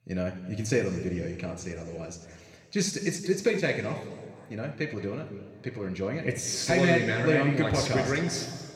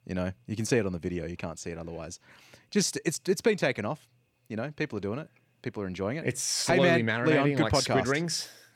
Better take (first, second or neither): second